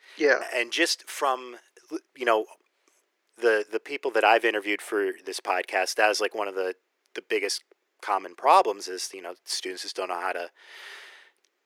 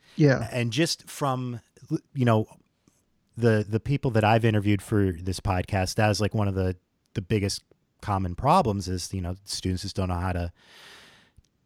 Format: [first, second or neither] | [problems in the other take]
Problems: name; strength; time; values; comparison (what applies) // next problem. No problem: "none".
second | thin; very; fading below 350 Hz